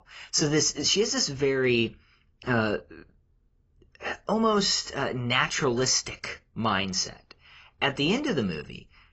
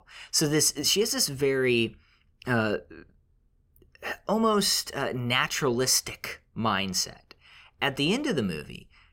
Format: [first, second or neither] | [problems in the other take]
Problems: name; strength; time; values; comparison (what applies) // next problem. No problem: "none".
second | garbled, watery; badly; nothing above 7.5 kHz